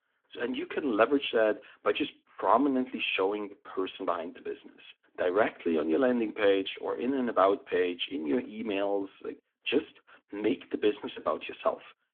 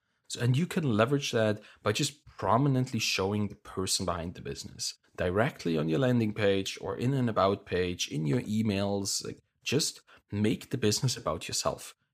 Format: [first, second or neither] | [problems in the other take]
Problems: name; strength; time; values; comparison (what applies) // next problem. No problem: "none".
second | phone-call audio; nothing above 3.5 kHz